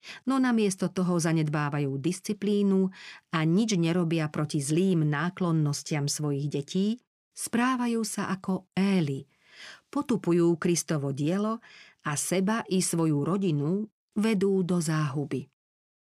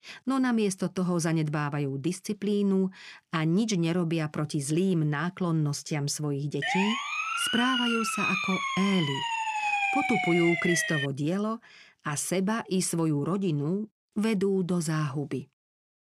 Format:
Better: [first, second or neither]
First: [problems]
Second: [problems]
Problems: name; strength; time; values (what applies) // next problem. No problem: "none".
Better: first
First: none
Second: siren; loud; from 6.5 to 11 s; peak 3 dB above the speech